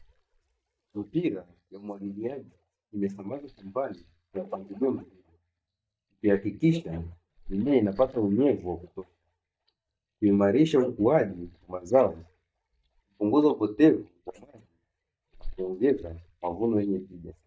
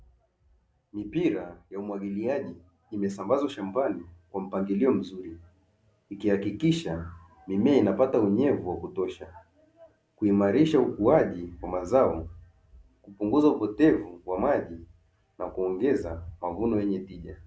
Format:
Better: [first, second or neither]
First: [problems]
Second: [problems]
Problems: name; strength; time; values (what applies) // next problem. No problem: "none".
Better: second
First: noise reduction (neural mask model DeepFilterNet 3)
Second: none